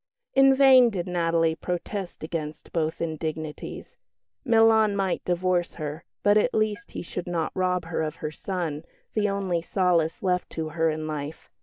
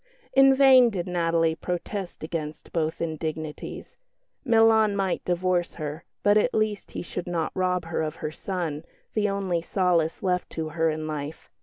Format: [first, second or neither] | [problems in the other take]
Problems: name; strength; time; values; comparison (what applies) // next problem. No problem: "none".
second | noise reduction (neural mask model DeepFilterNet 3)